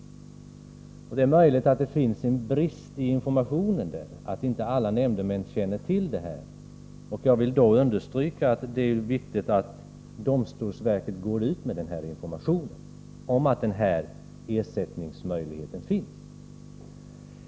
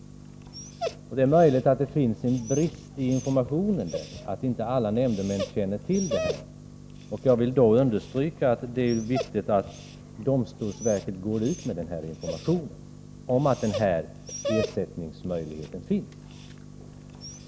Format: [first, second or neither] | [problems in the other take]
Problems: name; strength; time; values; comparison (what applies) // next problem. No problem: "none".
first | background sound (Dog); 13 dB below the speech